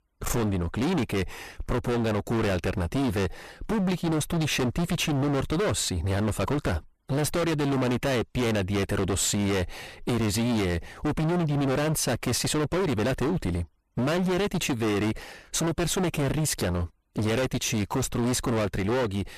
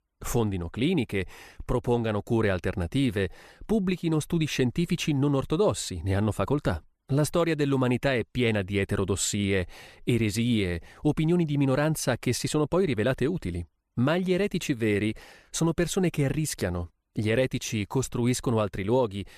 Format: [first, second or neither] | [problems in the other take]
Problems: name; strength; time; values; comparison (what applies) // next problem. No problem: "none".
second | distortion; heavy; 35% of the sound clipped